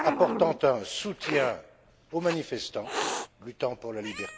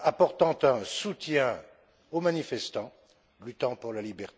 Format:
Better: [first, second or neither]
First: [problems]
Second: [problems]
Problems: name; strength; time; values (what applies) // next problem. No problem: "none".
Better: second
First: background sound (Hiss); 7 dB below the speech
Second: none